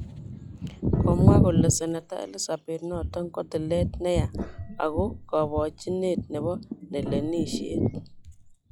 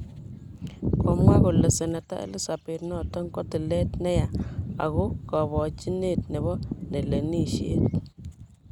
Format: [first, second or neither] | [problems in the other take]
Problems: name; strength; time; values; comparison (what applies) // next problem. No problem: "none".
second | noise reduction (classical method log-MMSE)